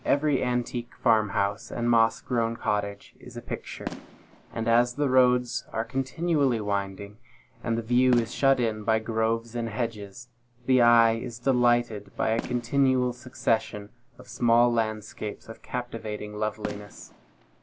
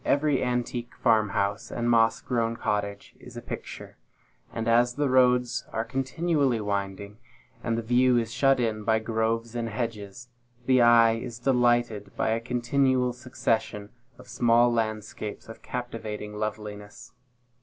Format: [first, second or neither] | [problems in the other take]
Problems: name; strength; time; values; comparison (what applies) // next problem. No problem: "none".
second | background sound (Fireworks); 20 dB below the speech